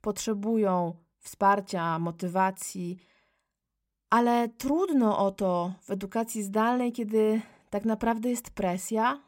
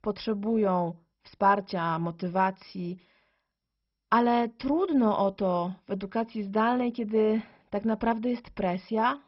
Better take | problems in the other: first | garbled, watery; badly; nothing above 5.5 kHz

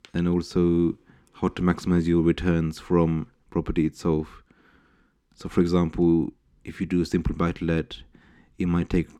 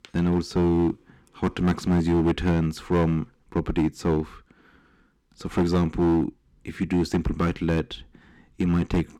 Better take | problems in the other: first | distortion; slight; 7% of the sound clipped

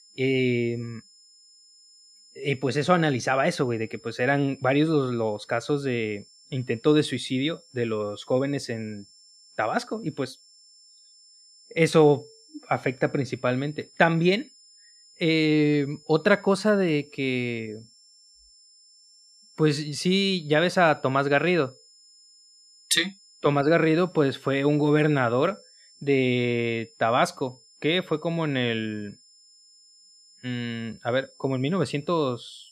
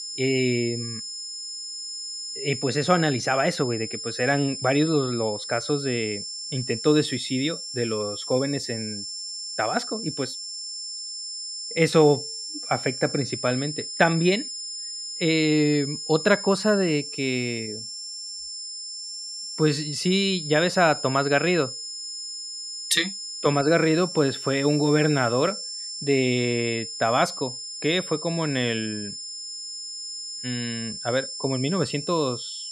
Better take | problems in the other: first | high-pitched whine; loud; throughout; 5 kHz, 7 dB below the speech; faint in the first

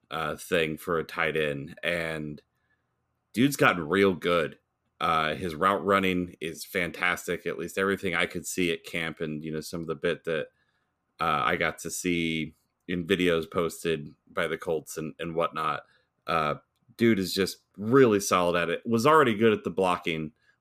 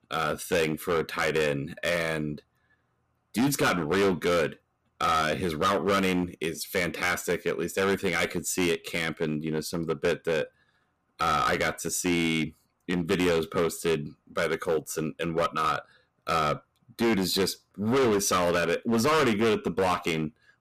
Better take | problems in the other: first | distortion; heavy; 11% of the sound clipped

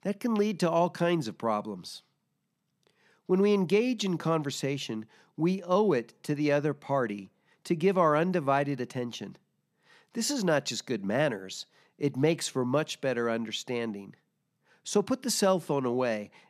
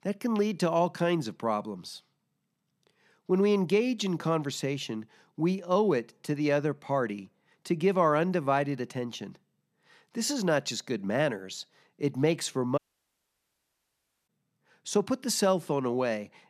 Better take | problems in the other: first | audio cutting out; at 13 s for 1.5 s

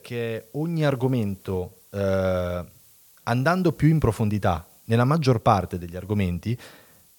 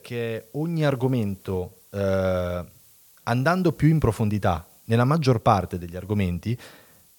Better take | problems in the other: neither | hiss; faint; throughout; 30 dB below the speech; the same in both

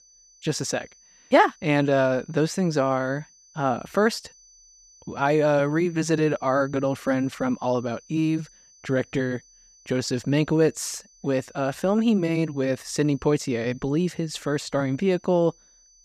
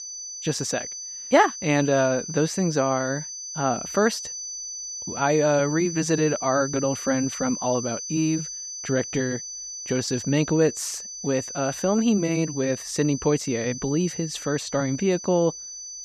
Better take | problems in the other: first | high-pitched whine; loud; throughout; 6 kHz, 8 dB below the speech; faint in the first

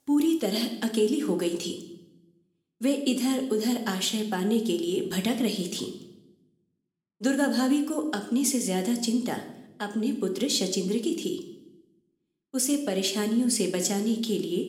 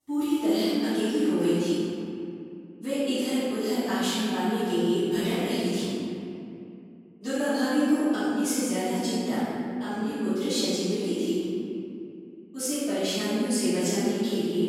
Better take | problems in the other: first | room echo; strong; dies away in 2.5 s; slight in the first // off-mic speech; far

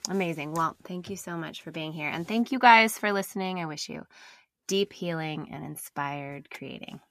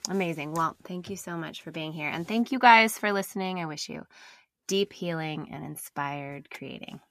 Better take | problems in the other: neither | none

